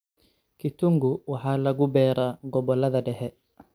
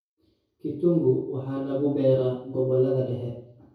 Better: first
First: none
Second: room echo; dies away in 0.6 s

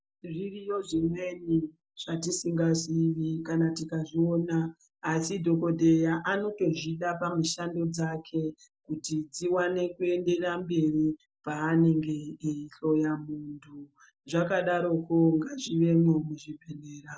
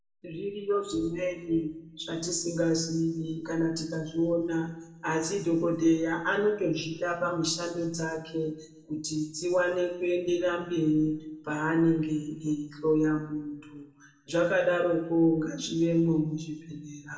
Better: first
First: none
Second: room echo; dies away in 0.7 s

